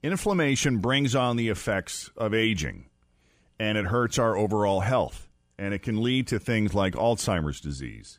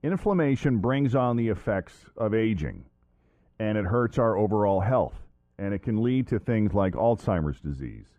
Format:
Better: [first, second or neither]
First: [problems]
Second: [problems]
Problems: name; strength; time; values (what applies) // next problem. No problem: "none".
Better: first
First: none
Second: muffled; very; fading above 2.5 kHz